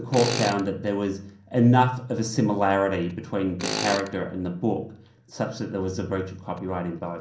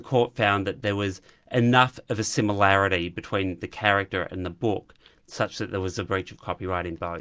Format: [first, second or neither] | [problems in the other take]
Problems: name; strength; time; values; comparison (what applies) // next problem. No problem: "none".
second | background sound (Tools); 11 dB below the speech // room echo; dies away in 0.6 s